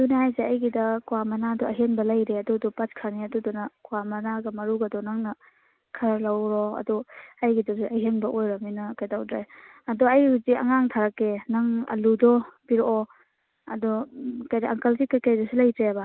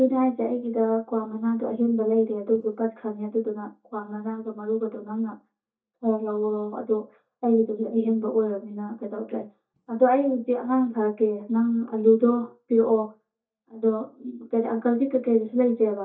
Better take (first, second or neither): first